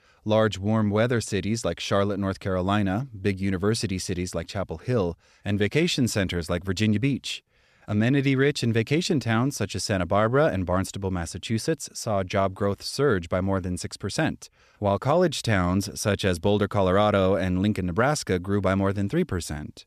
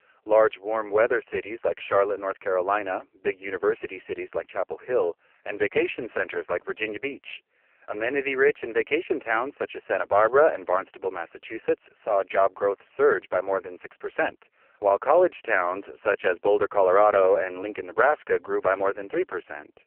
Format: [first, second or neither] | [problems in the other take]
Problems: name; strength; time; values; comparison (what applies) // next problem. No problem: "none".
first | phone-call audio; poor line